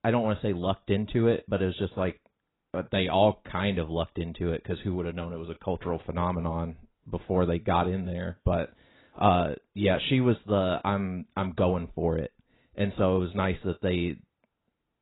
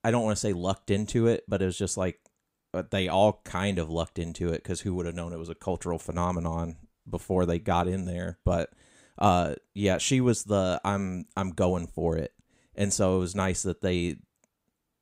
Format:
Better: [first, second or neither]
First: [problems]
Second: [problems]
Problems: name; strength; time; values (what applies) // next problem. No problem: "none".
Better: second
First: garbled, watery; badly; nothing above 4 kHz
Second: none